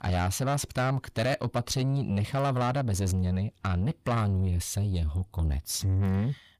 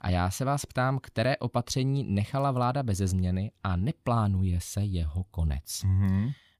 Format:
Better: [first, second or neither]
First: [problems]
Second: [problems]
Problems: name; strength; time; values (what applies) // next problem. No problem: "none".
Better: second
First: distortion; slight; 10 dB below the speech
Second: none